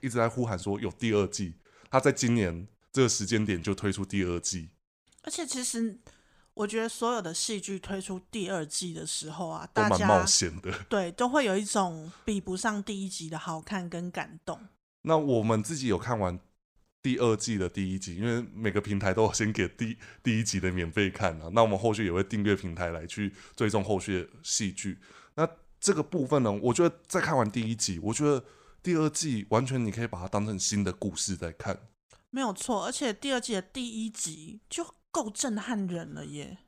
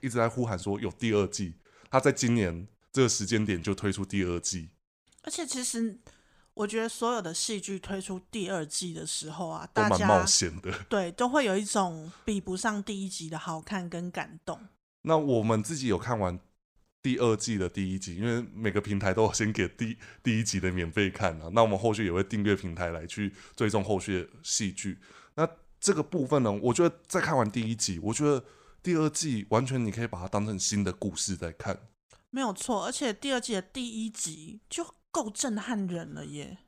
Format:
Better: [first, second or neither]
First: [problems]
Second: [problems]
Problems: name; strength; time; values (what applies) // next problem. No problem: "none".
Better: neither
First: none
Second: none